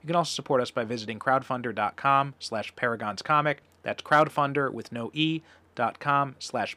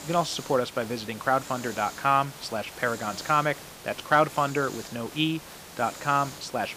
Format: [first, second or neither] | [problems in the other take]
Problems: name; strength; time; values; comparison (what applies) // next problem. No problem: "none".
first | hiss; noticeable; throughout; 15 dB below the speech